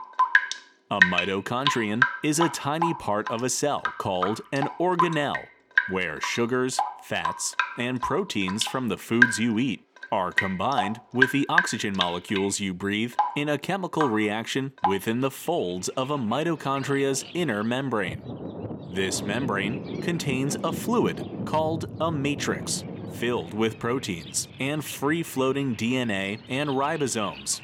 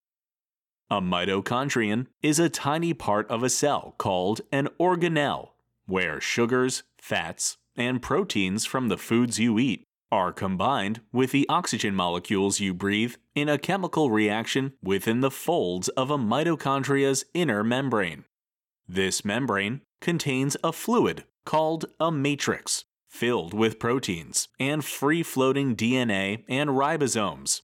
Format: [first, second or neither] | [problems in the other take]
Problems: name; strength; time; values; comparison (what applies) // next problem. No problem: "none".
second | rain or running water; loud; throughout; 1 dB below the speech